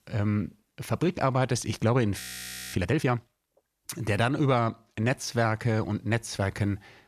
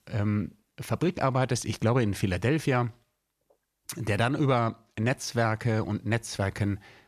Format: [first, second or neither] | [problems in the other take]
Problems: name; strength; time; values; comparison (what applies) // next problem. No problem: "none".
second | audio freezing; at 2 s for 0.5 s